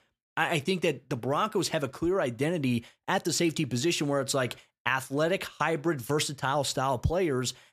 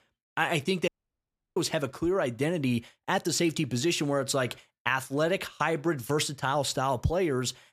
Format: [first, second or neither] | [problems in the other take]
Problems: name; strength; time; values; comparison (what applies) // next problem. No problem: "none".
first | audio cutting out; at 1 s for 0.5 s